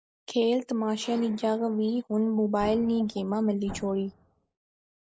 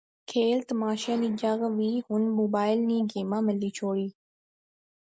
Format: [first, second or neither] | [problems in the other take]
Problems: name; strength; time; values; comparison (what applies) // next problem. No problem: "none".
second | background sound (Explosion); 17 dB below the speech